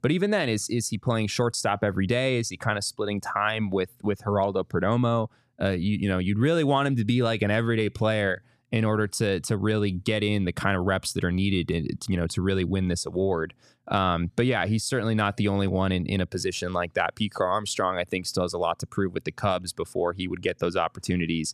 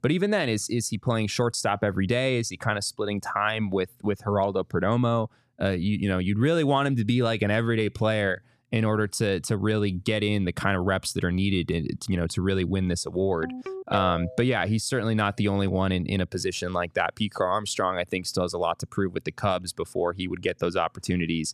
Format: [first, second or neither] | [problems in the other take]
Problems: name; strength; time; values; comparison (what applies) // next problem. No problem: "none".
first | phone ringing; noticeable; from 13 to 14 s; peak 6 dB below the speech